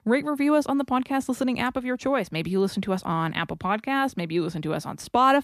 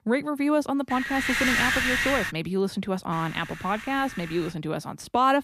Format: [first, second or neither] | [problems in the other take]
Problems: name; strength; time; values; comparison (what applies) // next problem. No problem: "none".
first | wind noise on the microphone; heavy; from 1 to 2.5 s and from 3 to 4.5 s; 4 dB above the speech